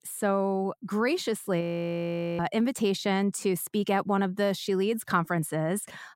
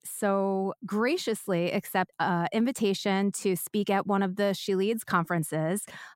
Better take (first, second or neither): second